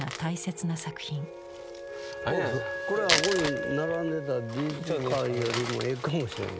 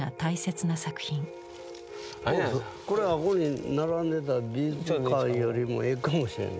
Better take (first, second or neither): second